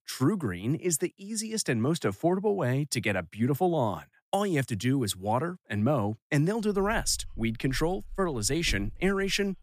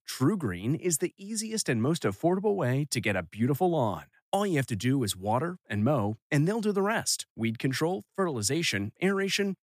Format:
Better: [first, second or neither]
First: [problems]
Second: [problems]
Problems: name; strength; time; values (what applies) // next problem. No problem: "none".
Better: second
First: animal sounds; noticeable; from 7 s on; 15 dB below the speech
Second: none